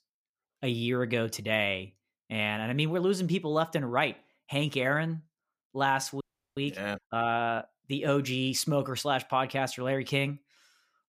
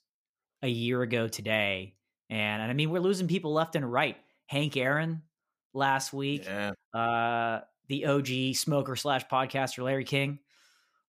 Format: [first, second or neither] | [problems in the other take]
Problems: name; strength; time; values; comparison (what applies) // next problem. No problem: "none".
second | audio freezing; at 6 s